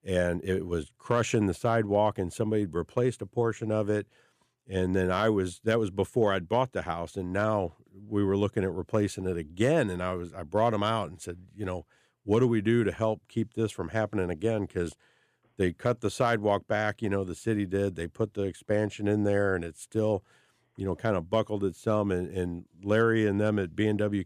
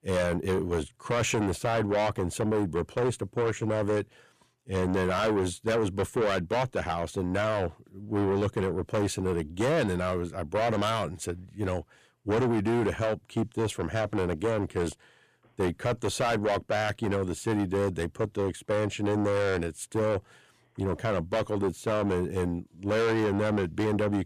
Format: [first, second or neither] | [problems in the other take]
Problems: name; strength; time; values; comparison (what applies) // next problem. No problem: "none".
first | distortion; heavy; 6 dB below the speech